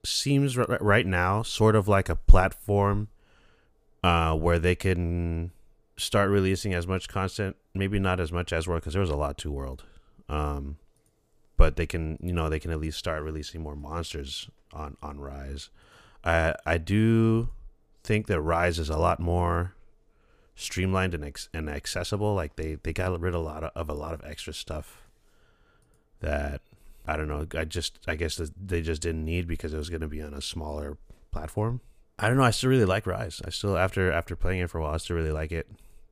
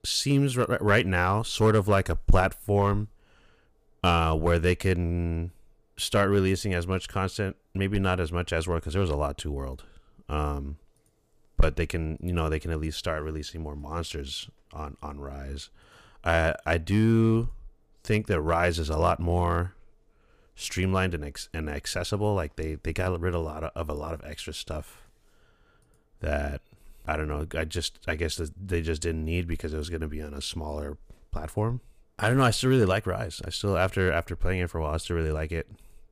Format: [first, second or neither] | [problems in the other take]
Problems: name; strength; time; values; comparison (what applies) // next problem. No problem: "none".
first | distortion; slight; 0.7% of the sound clipped